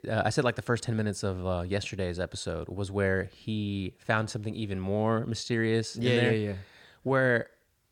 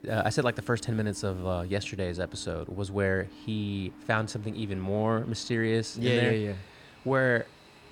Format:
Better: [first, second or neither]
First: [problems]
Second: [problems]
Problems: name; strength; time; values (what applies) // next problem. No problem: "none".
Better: first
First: none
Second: train or aircraft noise; faint; throughout; 20 dB below the speech